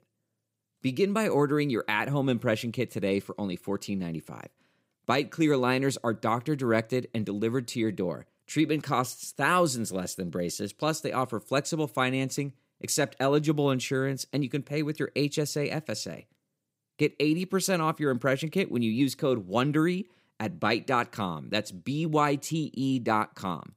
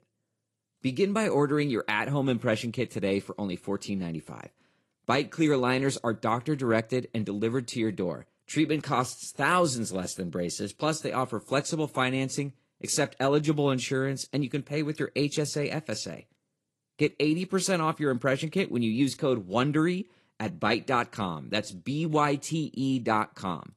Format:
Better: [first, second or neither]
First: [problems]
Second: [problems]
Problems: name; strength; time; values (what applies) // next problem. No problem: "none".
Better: first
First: none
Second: garbled, watery; slightly; nothing above 11.5 kHz